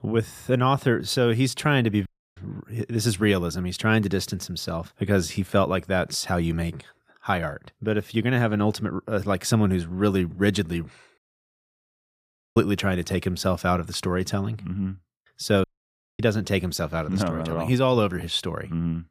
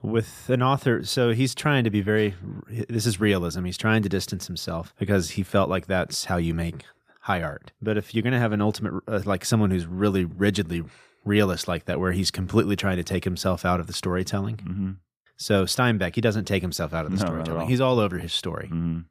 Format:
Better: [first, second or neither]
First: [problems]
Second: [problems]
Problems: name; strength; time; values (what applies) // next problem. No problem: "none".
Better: second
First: audio cutting out; at 2 s, at 11 s for 1.5 s and at 16 s for 0.5 s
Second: none